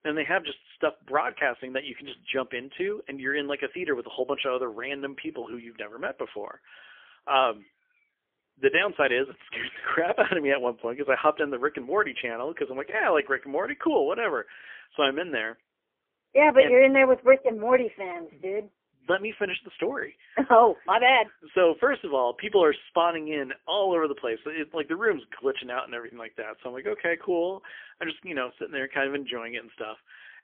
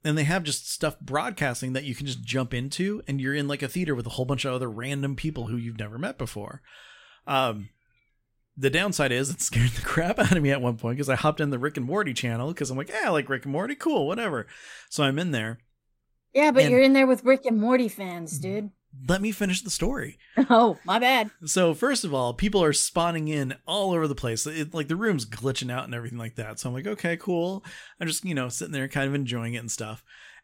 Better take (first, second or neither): second